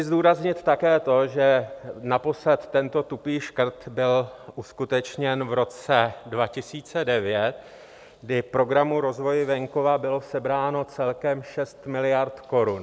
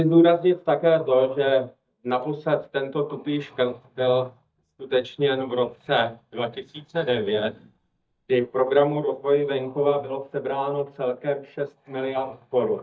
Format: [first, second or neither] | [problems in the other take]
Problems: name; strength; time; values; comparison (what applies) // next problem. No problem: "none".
first | noise reduction (neural mask model DeepFilterNet 3)